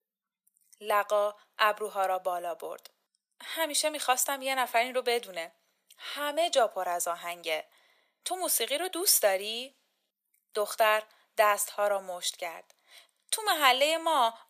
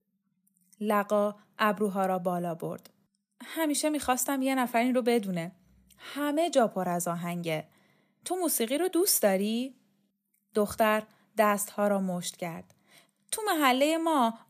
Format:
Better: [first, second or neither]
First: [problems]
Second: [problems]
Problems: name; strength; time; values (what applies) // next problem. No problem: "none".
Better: second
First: thin; very; fading below 500 Hz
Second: none